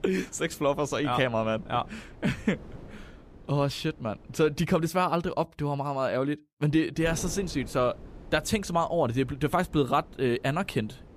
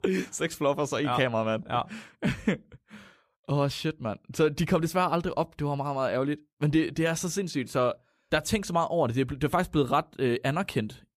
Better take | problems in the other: second | wind noise on the microphone; occasional gusts; until 4.5 s and from 7 s on; 25 dB below the speech

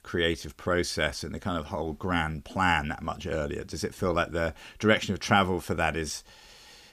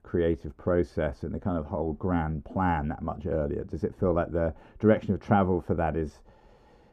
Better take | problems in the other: first | muffled; very; fading above 1.5 kHz

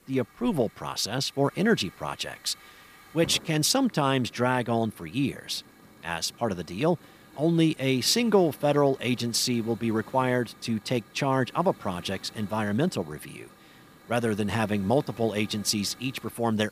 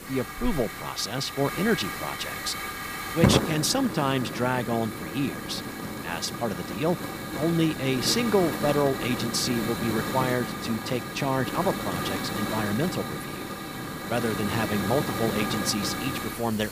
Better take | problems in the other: first | hiss; loud; throughout; 3 dB below the speech; faint in the first

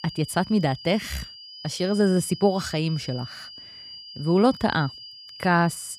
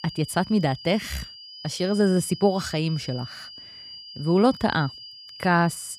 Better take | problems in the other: neither | high-pitched whine; noticeable; throughout; 5 kHz, 15 dB below the speech; the same in both

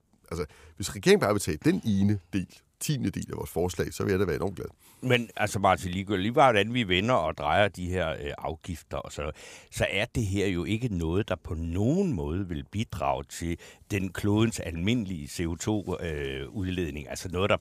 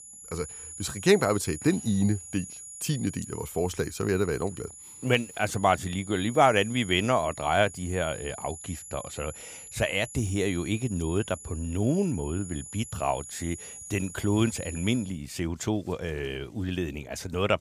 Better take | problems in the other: first | high-pitched whine; noticeable; until 15 s; 7 kHz, 15 dB below the speech

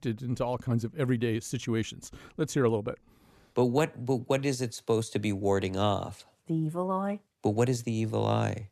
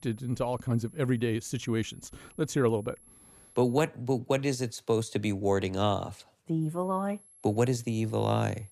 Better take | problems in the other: first | high-pitched whine; faint; until 4 s and from 6.5 s on; 11 kHz, 25 dB below the speech

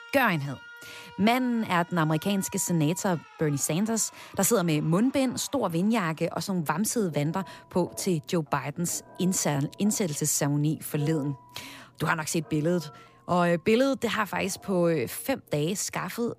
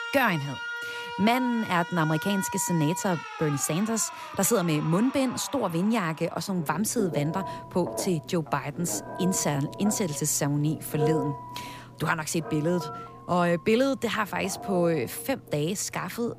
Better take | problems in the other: first | alarms or sirens; loud; throughout; 10 dB below the speech; faint in the first

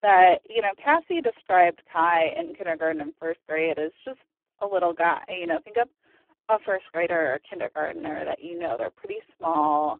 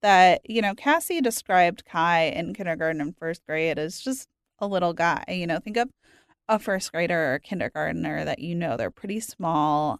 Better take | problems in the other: second | phone-call audio; poor line

